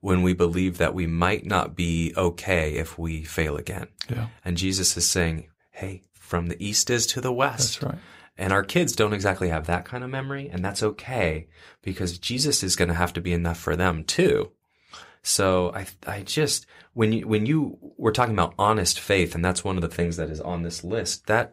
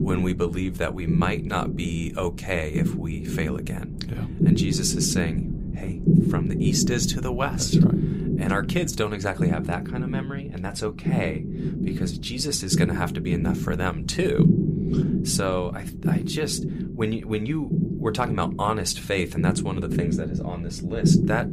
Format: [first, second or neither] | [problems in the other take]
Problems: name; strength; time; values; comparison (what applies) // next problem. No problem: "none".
first | low rumble; loud; throughout; 4 dB below the speech